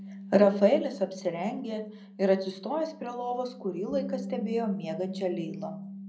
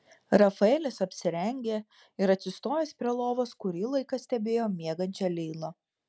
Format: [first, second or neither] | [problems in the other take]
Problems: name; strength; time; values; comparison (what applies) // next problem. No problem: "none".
second | background sound (Bass guitar); 12 dB below the speech // room echo; dies away in 0.5 s